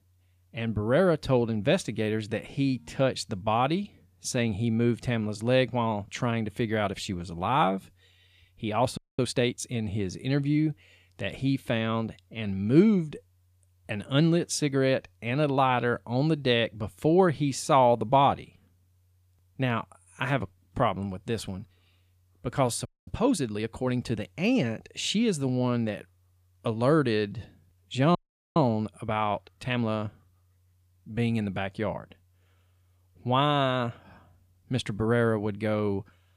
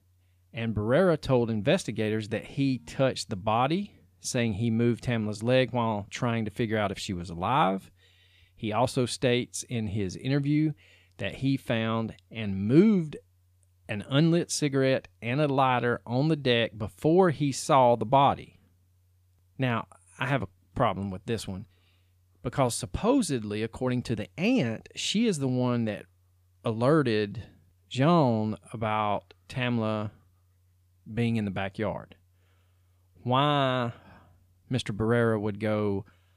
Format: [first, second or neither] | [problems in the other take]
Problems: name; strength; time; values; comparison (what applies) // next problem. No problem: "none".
second | audio freezing; at 9 s, at 23 s and at 28 s